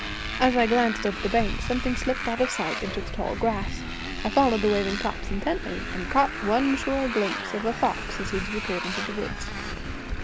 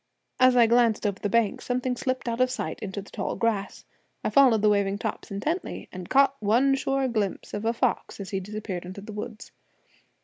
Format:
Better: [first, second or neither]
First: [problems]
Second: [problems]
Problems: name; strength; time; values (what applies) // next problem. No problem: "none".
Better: second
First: background sound (Motorcycle); 4 dB below the speech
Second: none